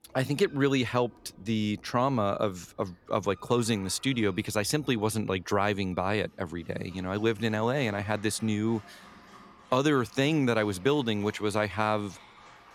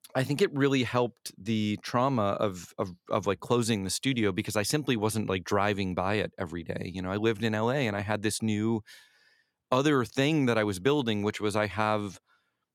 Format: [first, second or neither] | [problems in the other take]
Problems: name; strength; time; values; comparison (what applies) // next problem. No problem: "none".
second | animal sounds; faint; throughout; 25 dB below the speech